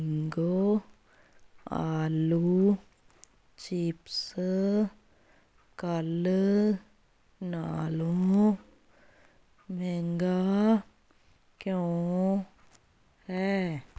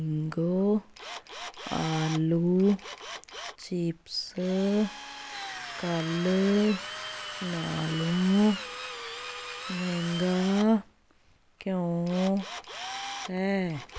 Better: first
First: none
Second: background sound (Drill); 11 dB below the speech

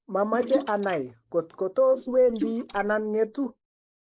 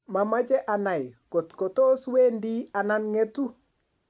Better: second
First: noise reduction (neural mask model Resemble Enhance denoiser)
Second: none

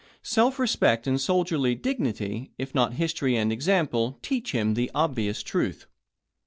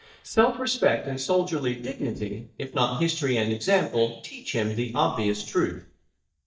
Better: first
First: none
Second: noise reduction (neural mask model DeepFilterNet 3)

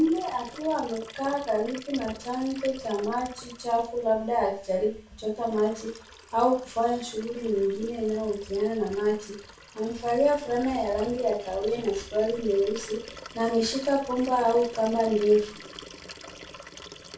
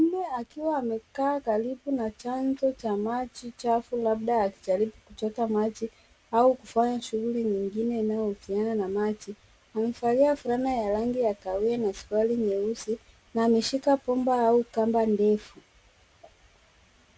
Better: second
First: background sound (Liquid); 19 dB below the speech // room echo; dies away in 0.4 s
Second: none

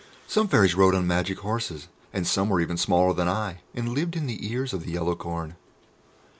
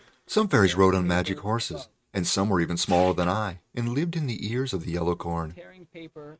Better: first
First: none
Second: noise reduction (neural mask model RNNoise)

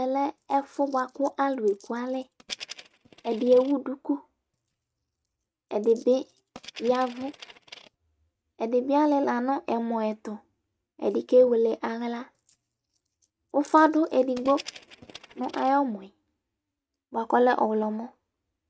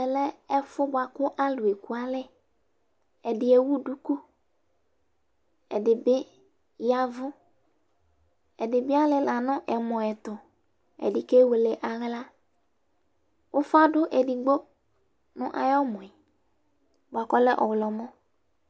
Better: second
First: noise reduction (neural mask model RNNoise)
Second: none

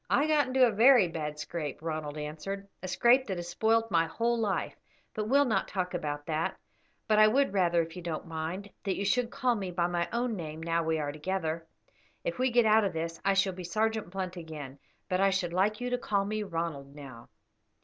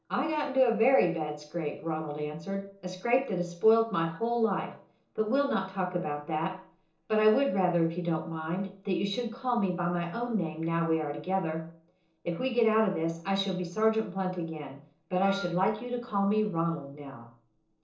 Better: first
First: none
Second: noise reduction (neural separator model SepFormer DNS4)

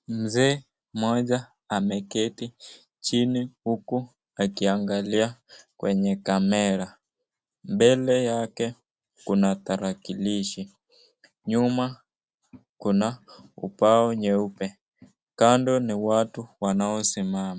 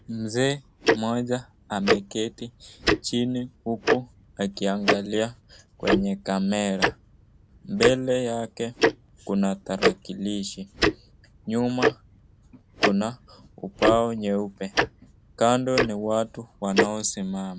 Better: first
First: none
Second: background sound (Tick-tock); 2 dB below the speech

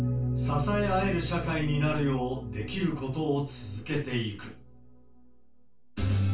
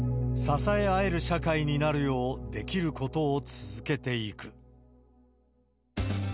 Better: second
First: room echo; dies away in 0.2 s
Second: none

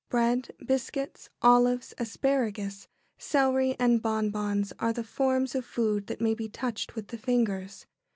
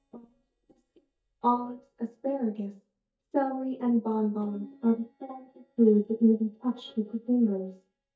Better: first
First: none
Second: noise reduction (neural mask model DeepFilterNet 3)

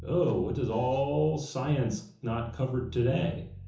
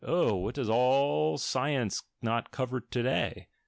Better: second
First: background sound (Bass guitar); 14 dB below the speech // room echo; dies away in 0.7 s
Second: none

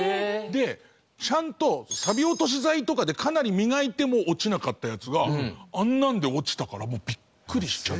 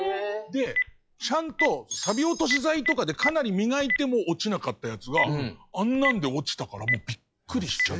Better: first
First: none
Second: noise reduction (classical method log-MMSE)

